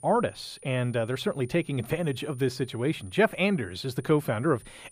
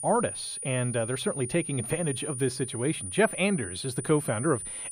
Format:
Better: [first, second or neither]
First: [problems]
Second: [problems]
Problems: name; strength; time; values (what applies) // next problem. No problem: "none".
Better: first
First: high-pitched whine; faint; throughout; 9.5 kHz, 25 dB below the speech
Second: high-pitched whine; loud; throughout; 9.5 kHz, 6 dB below the speech